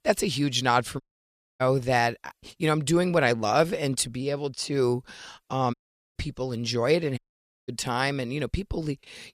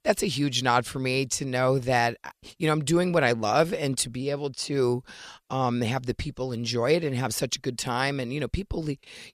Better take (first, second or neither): second